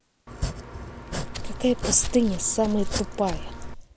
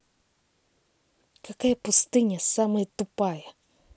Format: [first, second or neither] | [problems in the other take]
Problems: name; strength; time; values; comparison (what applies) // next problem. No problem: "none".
second | background sound (Walk, footsteps + Domestic sounds, home sounds); 4 dB below the speech